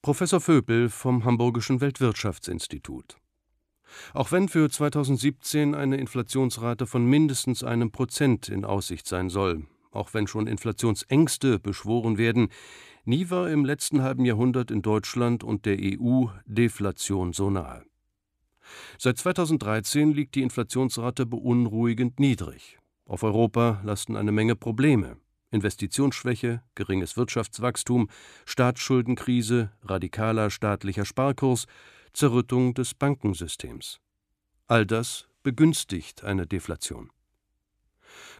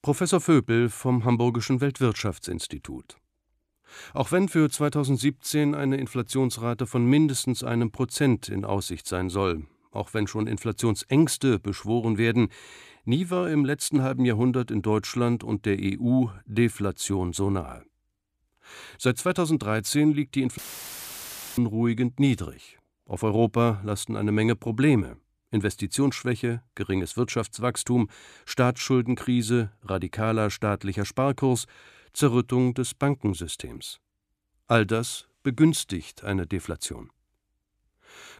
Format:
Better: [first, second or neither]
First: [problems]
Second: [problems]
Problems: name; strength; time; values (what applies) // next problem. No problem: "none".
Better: first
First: none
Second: audio cutting out; filled with static; at 21 s for 1 s